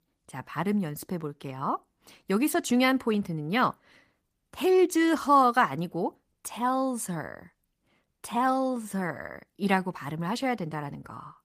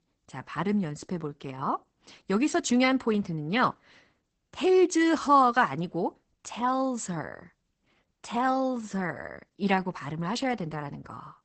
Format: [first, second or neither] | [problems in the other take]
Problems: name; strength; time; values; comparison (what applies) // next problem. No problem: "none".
first | garbled, watery; badly; nothing above 8 kHz; slightly in the first